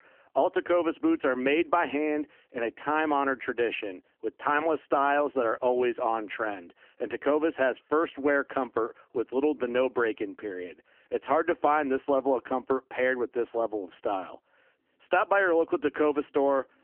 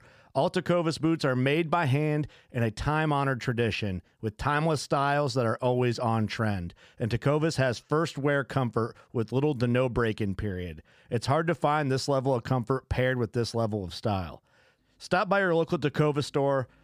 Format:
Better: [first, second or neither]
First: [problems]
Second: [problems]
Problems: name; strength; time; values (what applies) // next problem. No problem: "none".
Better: second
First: phone-call audio; poor line; nothing above 3 kHz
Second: none